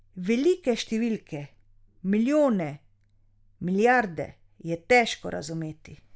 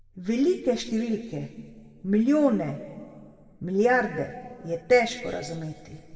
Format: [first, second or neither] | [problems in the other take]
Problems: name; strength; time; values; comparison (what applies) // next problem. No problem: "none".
first | room echo; dies away in 1.8 s